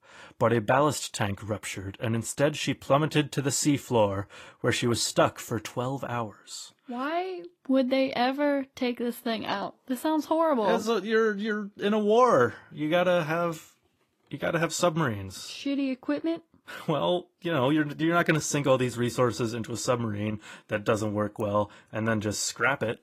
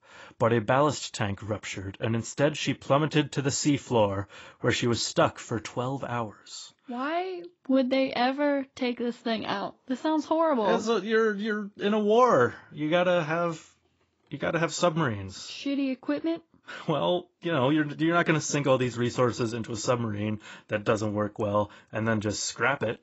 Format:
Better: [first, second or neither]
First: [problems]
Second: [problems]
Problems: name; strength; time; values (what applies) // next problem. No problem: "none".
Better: first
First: garbled, watery; slightly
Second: garbled, watery; badly; nothing above 7.5 kHz